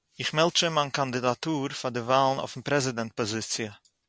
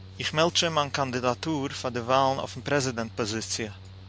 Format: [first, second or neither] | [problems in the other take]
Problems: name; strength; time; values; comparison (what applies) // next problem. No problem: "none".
first | background sound (Mechanical fan); 17 dB below the speech